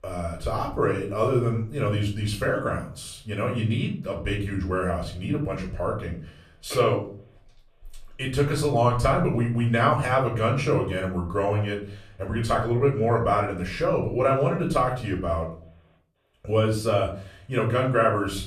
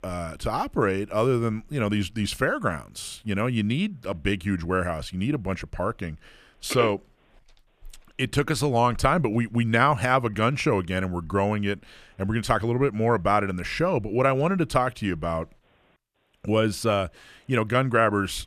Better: second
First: off-mic speech; far // room echo; slight; dies away in 0.4 s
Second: none

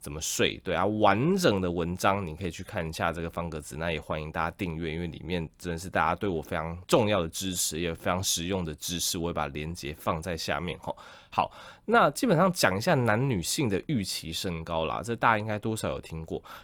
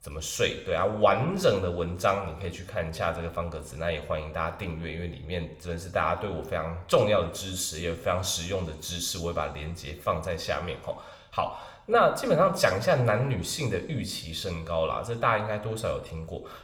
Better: first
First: none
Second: room echo; very slight; dies away in 0.7 s

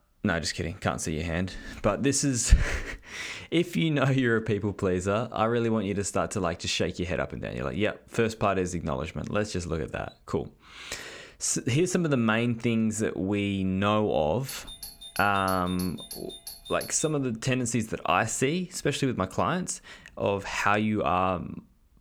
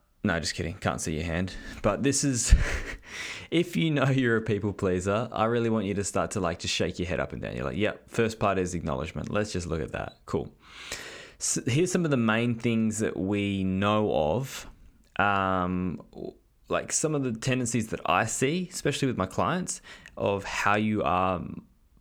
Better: second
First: doorbell; faint; from 14 to 17 s; peak 10 dB below the speech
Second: none

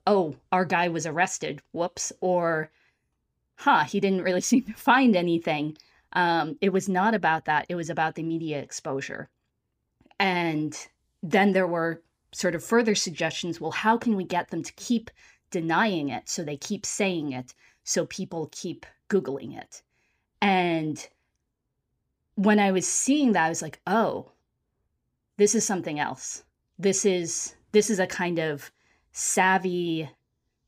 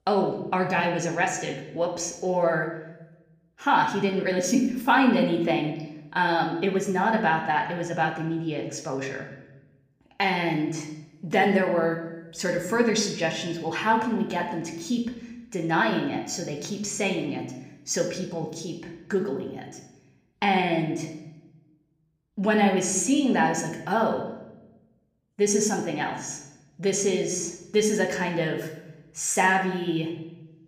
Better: first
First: none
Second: room echo; slight; dies away in 0.8 s // off-mic speech; somewhat distant

